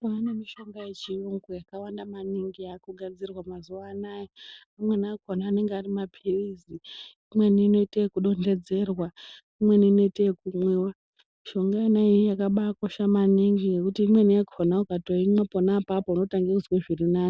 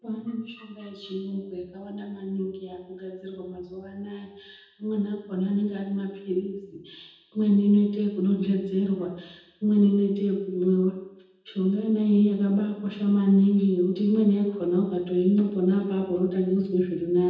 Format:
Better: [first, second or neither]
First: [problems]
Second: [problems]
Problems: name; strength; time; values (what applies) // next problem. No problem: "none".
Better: first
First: none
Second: room echo; dies away in 0.9 s